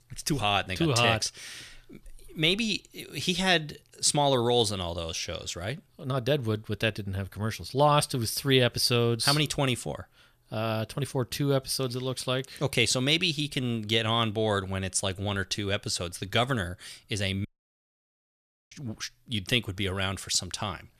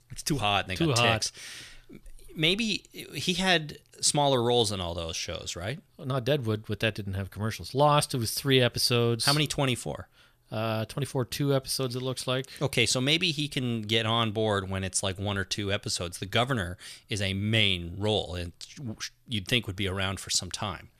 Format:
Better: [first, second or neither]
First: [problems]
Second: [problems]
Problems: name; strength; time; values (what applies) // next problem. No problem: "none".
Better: second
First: audio cutting out; at 17 s for 1.5 s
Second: none